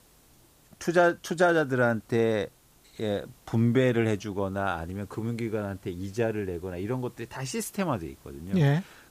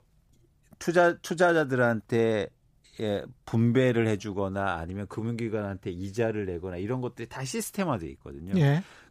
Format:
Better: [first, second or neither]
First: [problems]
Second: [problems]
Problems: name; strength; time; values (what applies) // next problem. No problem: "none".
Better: second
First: hiss; faint; throughout; 30 dB below the speech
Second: none